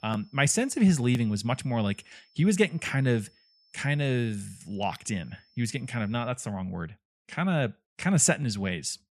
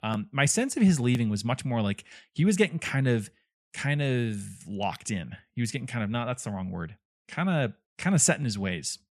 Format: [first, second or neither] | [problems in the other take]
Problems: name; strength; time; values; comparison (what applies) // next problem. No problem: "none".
second | high-pitched whine; faint; until 6.5 s; 5.5 kHz, 35 dB below the speech